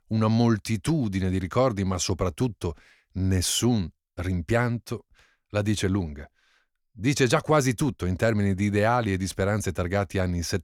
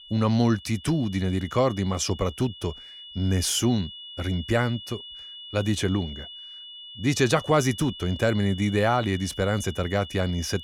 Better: first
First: none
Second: high-pitched whine; noticeable; throughout; 3 kHz, 15 dB below the speech

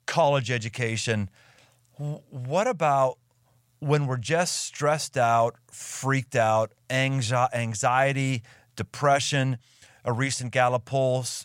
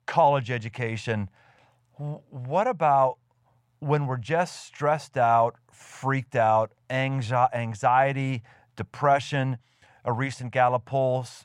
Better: first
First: none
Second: muffled; slightly; fading above 3.5 kHz

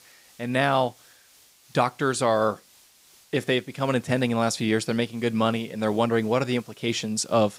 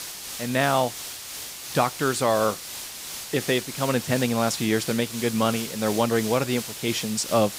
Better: first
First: hiss; faint; throughout; 30 dB below the speech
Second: hiss; loud; throughout; 8 dB below the speech

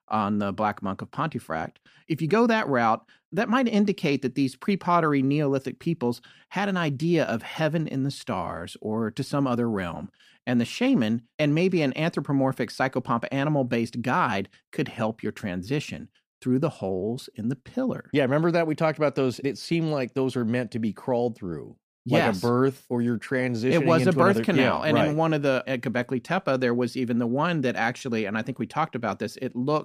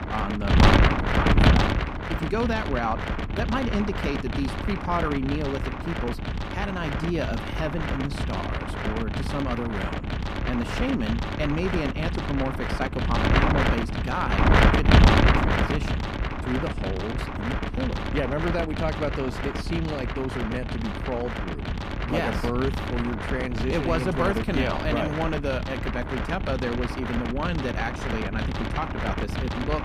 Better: first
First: none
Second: wind noise on the microphone; heavy; 2 dB above the speech

